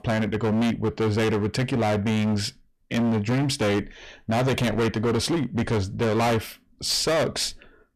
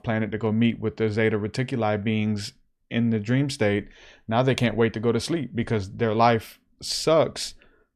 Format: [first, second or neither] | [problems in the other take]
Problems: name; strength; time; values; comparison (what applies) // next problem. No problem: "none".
second | distortion; heavy; 24% of the sound clipped